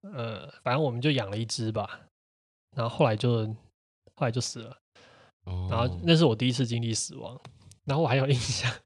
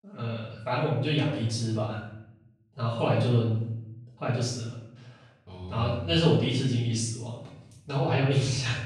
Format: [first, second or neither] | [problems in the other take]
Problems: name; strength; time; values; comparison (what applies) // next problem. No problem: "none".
first | off-mic speech; far // room echo; noticeable; dies away in 0.7 s